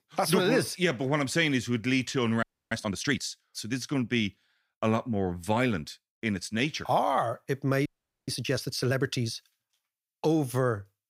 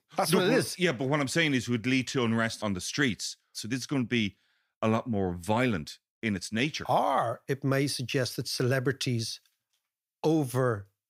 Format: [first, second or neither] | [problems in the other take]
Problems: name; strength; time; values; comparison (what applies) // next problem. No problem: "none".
second | audio freezing; at 2.5 s and at 8 s